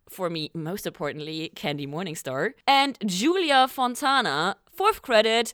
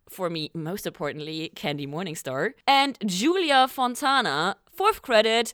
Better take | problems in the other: neither | none

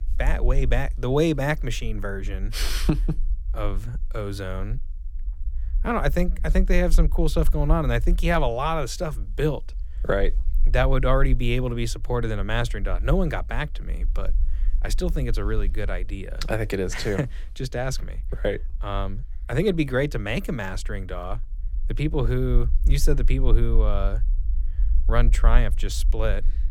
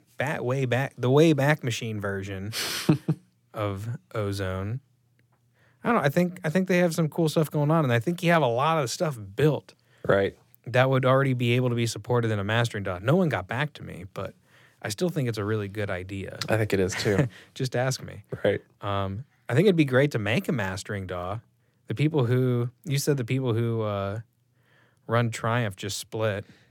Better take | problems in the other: second | low rumble; faint; throughout; 25 dB below the speech

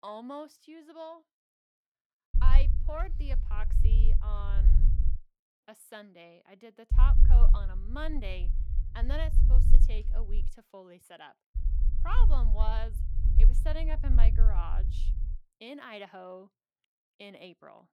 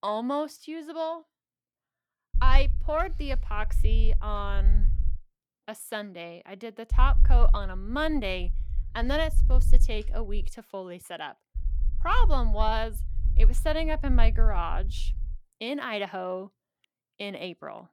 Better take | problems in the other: second | low rumble; loud; from 2.5 to 5 s, from 7 to 10 s and from 12 to 15 s; 8 dB below the speech; faint in the second

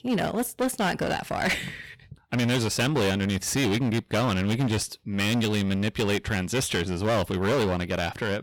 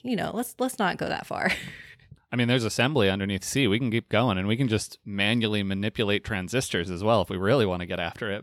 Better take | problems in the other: second | distortion; heavy; 22% of the sound clipped

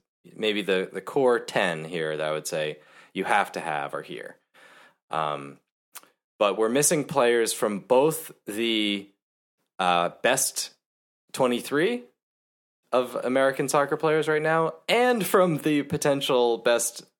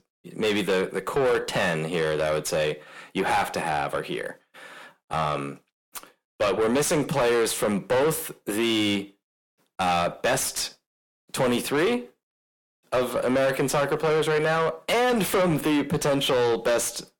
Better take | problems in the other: first | distortion; heavy; 6 dB below the speech

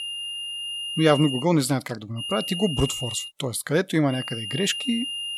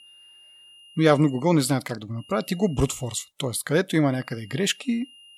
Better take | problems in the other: second | high-pitched whine; loud; until 1.5 s, from 2 to 3.5 s and from 4 s on; 3 kHz, 5 dB below the speech; faint in the second

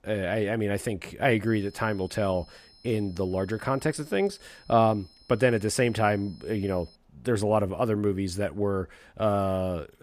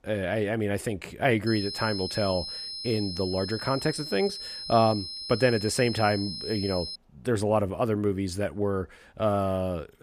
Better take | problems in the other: first | high-pitched whine; loud; from 1.5 to 7 s; 5 kHz, 7 dB below the speech; faint in the first

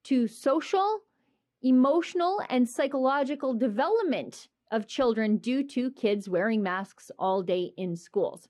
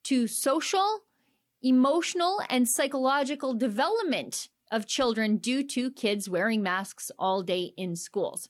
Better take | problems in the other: second | muffled; slightly; fading above 1.5 kHz

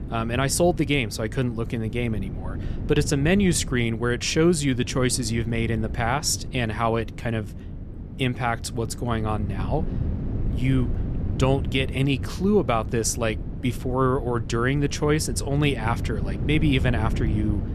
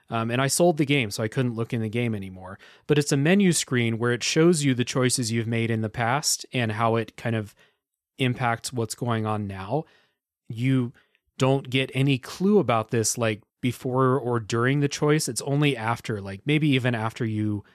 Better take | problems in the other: second | wind noise on the microphone; occasional gusts; 15 dB below the speech

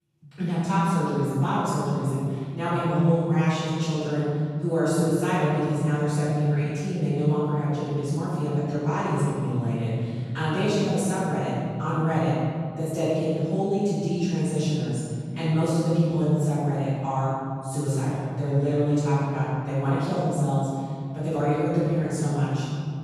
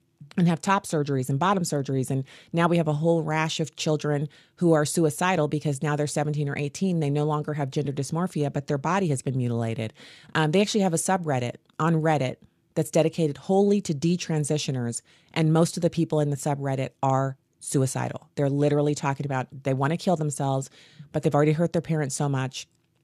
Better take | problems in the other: second | off-mic speech; far // room echo; strong; dies away in 3 s

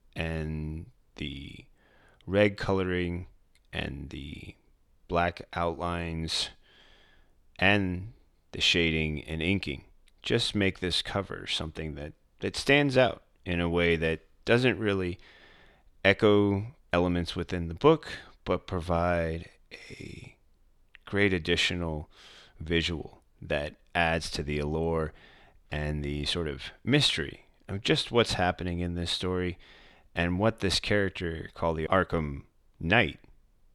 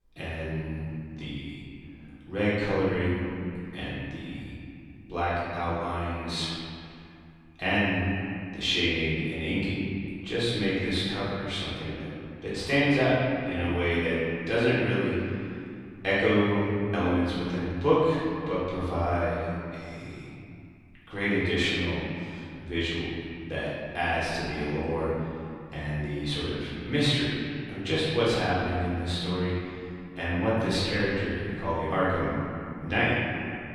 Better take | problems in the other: first | off-mic speech; far // room echo; strong; dies away in 2.4 s

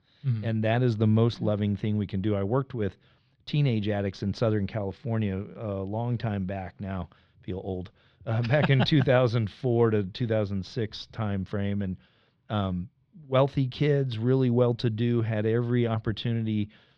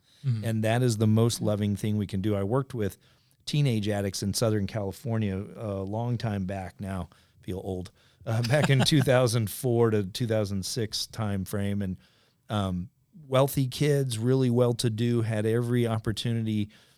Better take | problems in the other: second | muffled; slightly; fading above 3.5 kHz

